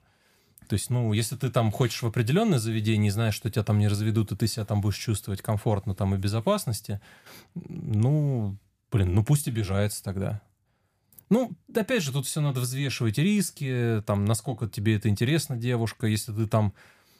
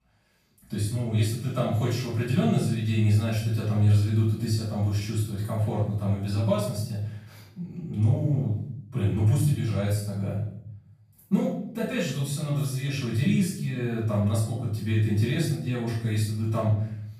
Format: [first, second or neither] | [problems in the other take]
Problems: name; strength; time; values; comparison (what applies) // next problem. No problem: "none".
first | off-mic speech; far // room echo; noticeable; dies away in 0.6 s